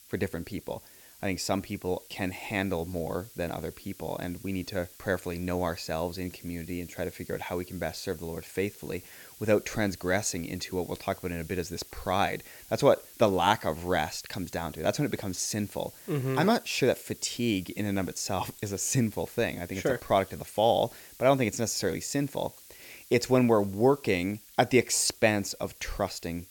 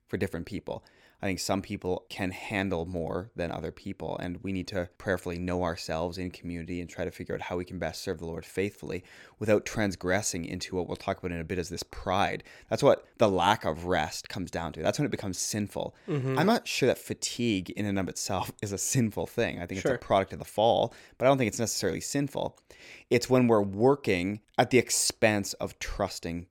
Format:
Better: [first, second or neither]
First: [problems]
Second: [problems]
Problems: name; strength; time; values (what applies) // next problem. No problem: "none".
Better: second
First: hiss; noticeable; throughout; 20 dB below the speech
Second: none